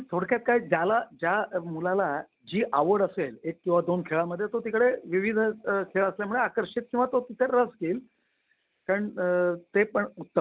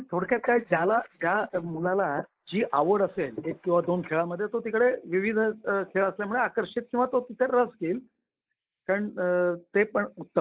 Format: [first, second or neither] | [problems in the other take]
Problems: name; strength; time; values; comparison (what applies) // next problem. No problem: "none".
first | noise reduction (neural mask model Resemble Enhance denoiser)